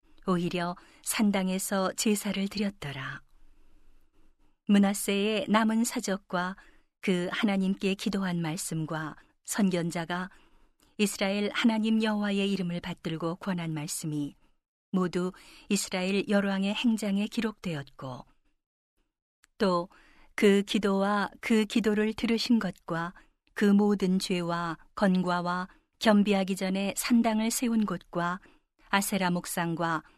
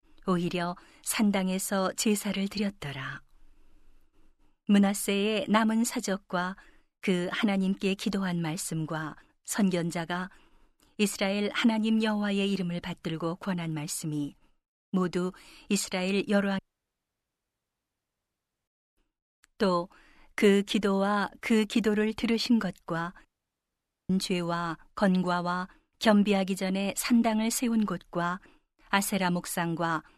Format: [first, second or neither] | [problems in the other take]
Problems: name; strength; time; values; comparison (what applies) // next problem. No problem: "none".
first | audio cutting out; at 17 s for 2 s and at 23 s for 1 s